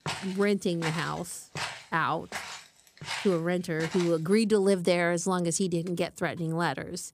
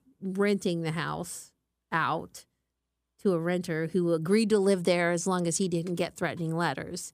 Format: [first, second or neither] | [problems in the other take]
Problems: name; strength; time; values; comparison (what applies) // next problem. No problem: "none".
second | footsteps; noticeable; until 4 s; peak 7 dB below the speech